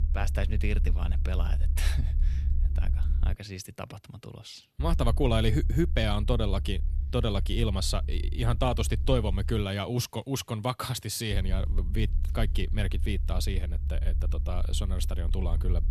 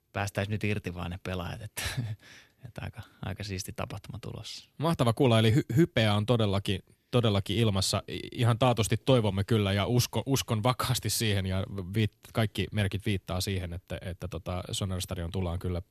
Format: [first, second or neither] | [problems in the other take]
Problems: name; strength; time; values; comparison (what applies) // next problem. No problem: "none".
second | low rumble; noticeable; until 3.5 s, from 5 to 9.5 s and from 11 s on; 15 dB below the speech